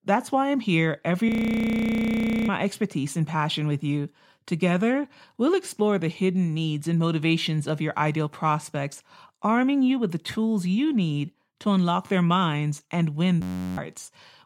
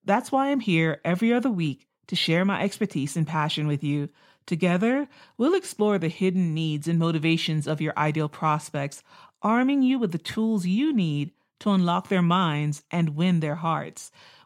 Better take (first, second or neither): second